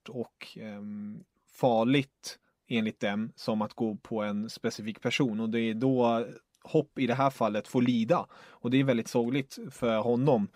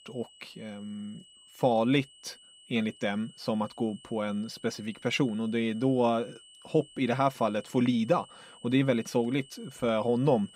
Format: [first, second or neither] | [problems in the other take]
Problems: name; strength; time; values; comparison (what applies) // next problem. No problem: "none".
first | high-pitched whine; faint; throughout; 3 kHz, 25 dB below the speech